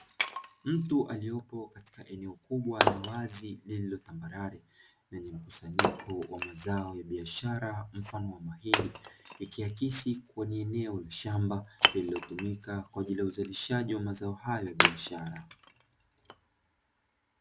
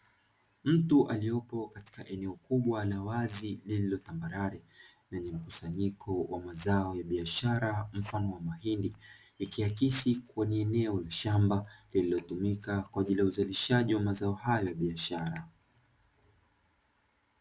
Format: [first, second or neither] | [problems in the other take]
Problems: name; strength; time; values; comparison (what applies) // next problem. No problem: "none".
second | background sound (Wood); 1 dB below the speech